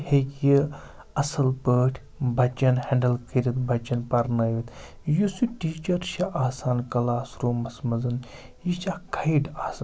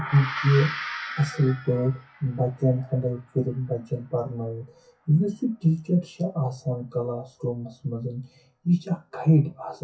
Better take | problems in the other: first | noise reduction (classical method WPE with log-MMSE)

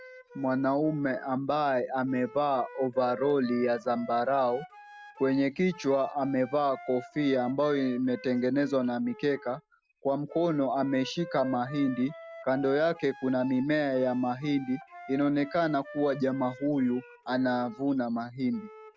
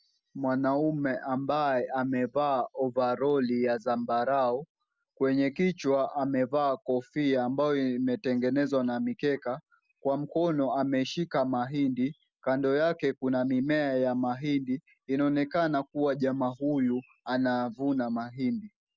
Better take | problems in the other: second | background sound (Wind instrument, woodwind instrument); 18 dB below the speech

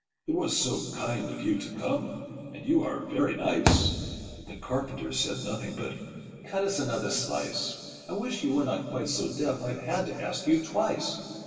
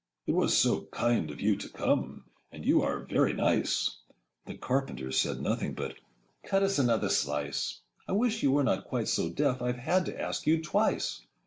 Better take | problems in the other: second | background sound (Thump, thud); 1 dB above the speech // room echo; dies away in 2.5 s

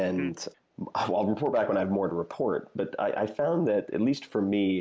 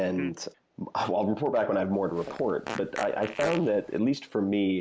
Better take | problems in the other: first | background sound (Fart); 11 dB below the speech

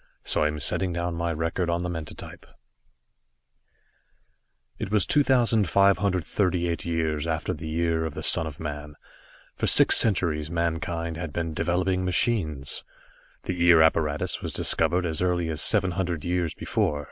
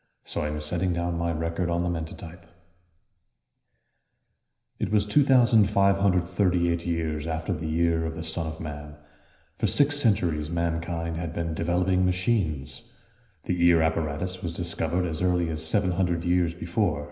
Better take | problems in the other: first | room echo; dies away in 0.9 s

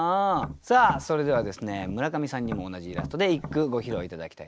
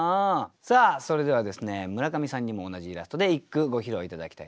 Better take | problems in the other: second | background sound (Tap); 12 dB below the speech

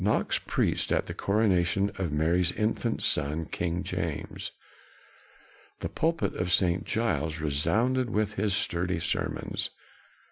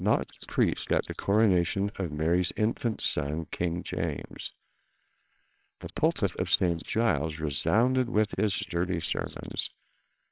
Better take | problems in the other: first | noise reduction (neural separator model SepFormer WHAMR!)

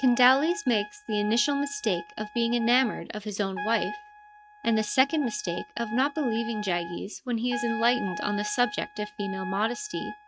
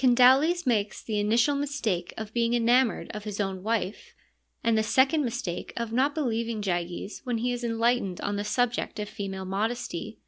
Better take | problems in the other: second | noise reduction (neural mask model RNNoise)

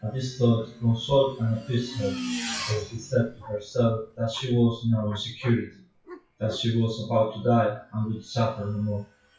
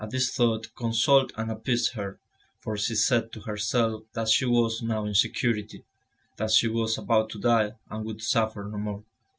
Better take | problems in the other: second | noise reduction (classical method WPE with log-MMSE)

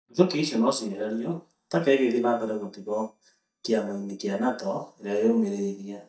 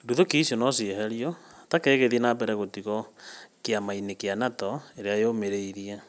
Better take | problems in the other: second | noise reduction (neural mask model DeepFilterNet 3)

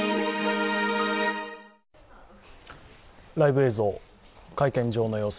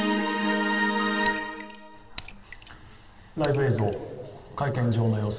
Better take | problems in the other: first | background sound (Raindrop / Splash, splatter); 18 dB below the speech // room echo; dies away in 2.2 s

